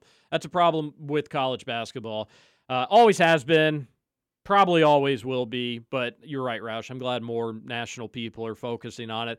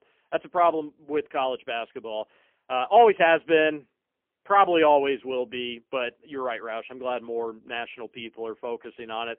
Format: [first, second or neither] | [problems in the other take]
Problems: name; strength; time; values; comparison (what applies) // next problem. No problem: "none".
first | phone-call audio; poor line; nothing above 3 kHz